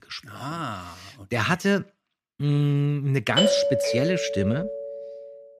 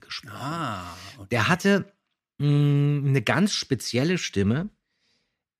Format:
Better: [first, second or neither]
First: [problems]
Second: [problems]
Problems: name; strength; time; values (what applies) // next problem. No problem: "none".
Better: second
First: doorbell; loud; from 3.5 to 5 s; peak 5 dB above the speech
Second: none